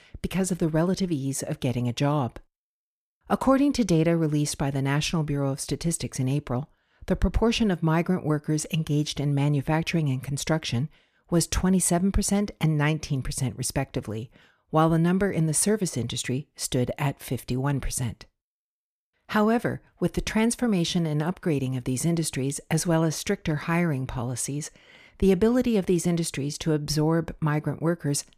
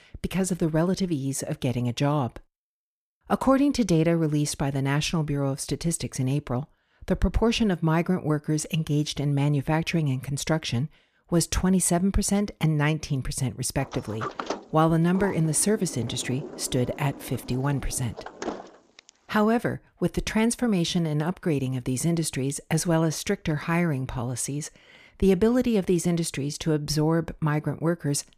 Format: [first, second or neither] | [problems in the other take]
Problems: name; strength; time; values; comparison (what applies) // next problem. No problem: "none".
first | door banging; noticeable; from 14 to 19 s; peak 6 dB below the speech